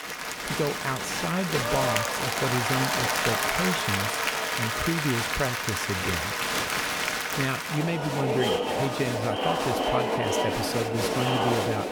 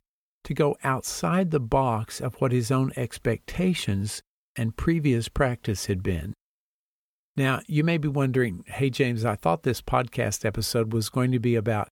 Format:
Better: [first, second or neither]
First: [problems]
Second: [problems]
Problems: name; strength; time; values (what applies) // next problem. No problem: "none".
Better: second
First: crowd noise; very loud; throughout; 4 dB above the speech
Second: none